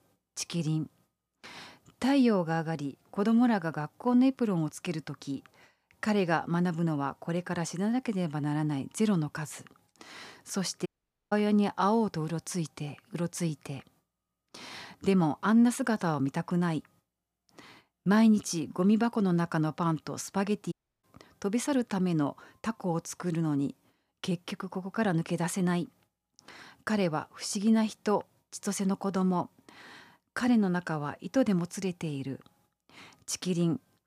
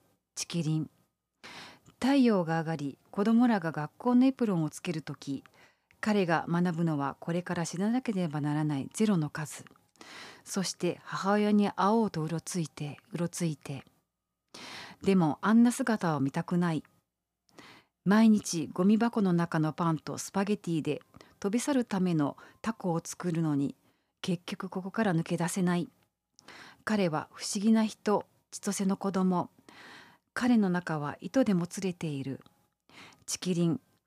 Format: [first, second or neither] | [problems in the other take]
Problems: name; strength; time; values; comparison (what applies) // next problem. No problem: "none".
second | audio cutting out; at 11 s and at 21 s